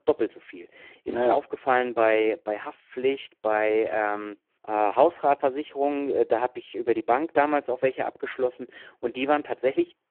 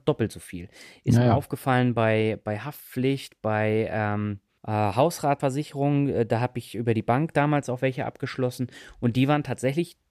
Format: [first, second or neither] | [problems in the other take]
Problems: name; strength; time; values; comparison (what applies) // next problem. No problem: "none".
second | phone-call audio; poor line